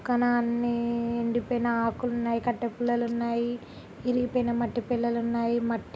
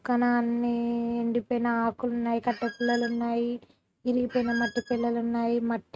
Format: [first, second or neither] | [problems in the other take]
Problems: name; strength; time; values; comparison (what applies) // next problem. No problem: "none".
first | noise reduction (neural mask model RNNoise)